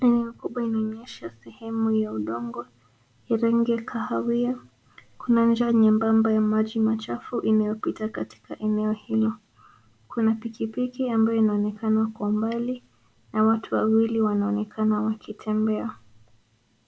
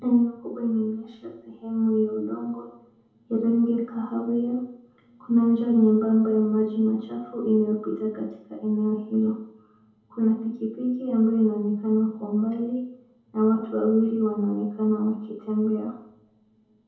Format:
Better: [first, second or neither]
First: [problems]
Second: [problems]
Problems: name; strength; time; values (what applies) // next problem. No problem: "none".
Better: first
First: none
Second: room echo; dies away in 0.8 s